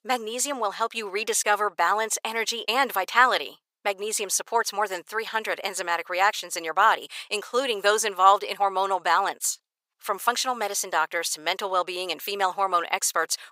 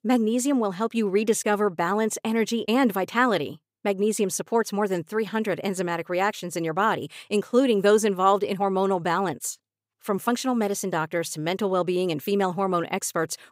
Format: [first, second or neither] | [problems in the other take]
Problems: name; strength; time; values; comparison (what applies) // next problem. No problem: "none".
second | thin; very; fading below 900 Hz